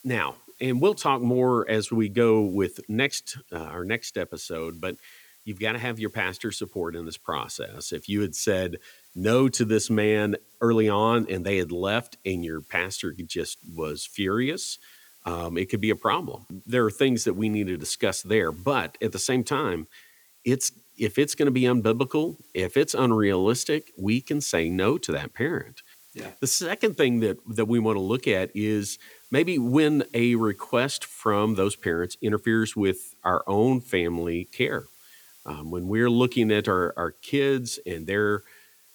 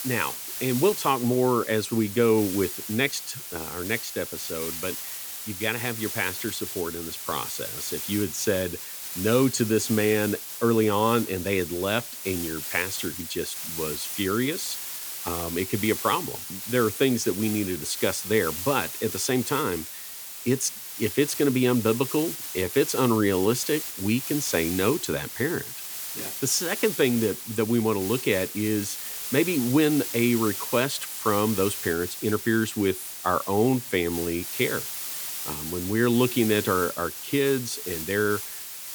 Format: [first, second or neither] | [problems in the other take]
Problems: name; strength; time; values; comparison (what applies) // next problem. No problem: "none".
first | hiss; loud; throughout; 6 dB below the speech; faint in the first